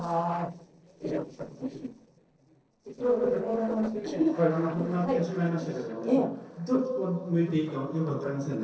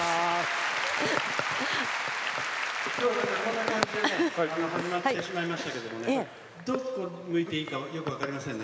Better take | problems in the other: second | noise reduction (neural separator model SepFormer DNS4)

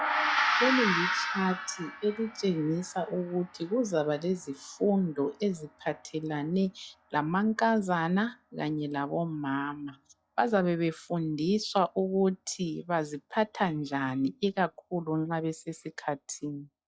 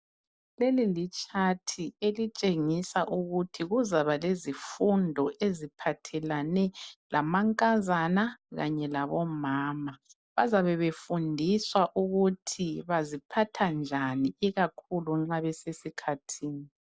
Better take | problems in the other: second | noise reduction (classical method log-MMSE)

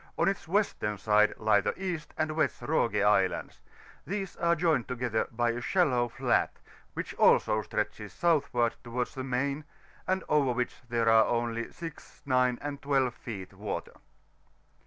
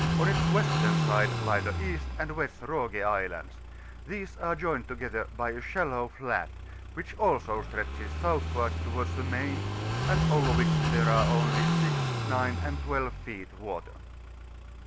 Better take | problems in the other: first | background sound (Car passing by / Idling); 2 dB above the speech

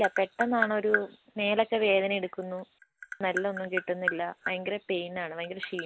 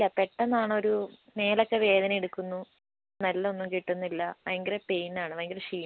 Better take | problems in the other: second | background sound (Tap); 7 dB below the speech

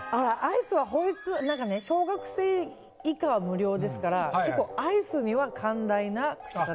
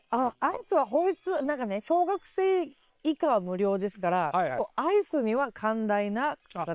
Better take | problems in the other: first | noise reduction (neural separator model SepFormer WHAM!)

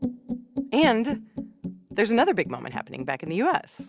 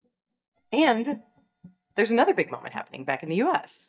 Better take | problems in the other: first | noise reduction (neural mask model DeepFilterNet 3)

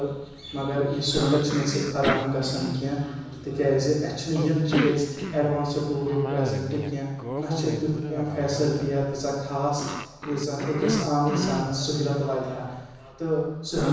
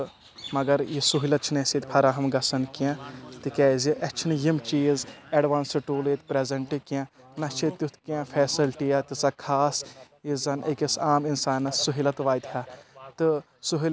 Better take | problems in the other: second | background sound (Cough); 7 dB below the speech // room echo; dies away in 1.1 s

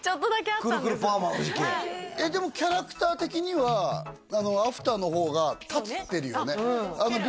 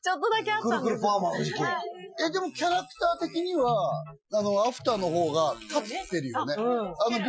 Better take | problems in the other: first | noise reduction (classical method Wiener filter)

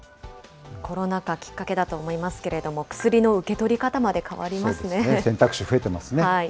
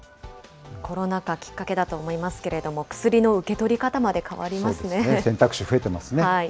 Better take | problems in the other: second | background sound (Dishes, pots, and pans / Chink, clink); 19 dB below the speech

